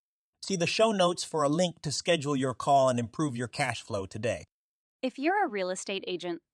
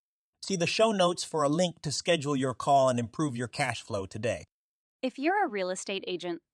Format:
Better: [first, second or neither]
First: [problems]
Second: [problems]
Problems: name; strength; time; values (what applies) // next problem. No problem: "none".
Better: neither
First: none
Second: none